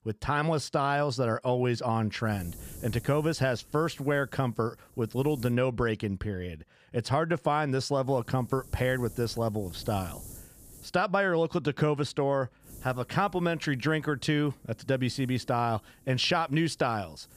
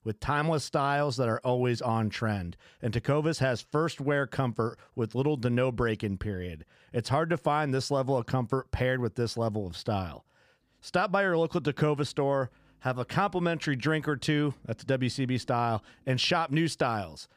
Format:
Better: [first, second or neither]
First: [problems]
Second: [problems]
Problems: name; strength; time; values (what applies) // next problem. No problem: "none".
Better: second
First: wind noise on the microphone; occasional gusts; from 2.5 to 5.5 s, from 8 to 11 s and from 13 s on; 25 dB below the speech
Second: none